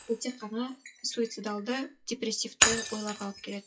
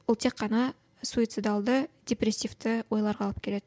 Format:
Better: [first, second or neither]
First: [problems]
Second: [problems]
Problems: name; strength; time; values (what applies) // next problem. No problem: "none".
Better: second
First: noise reduction (classical method WPE with log-MMSE)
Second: none